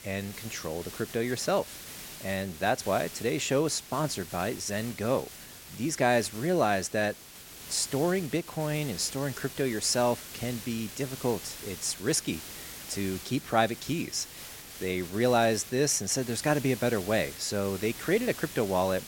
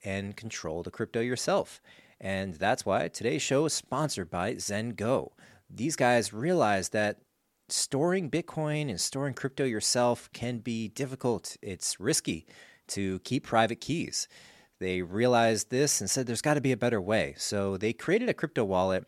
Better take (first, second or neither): second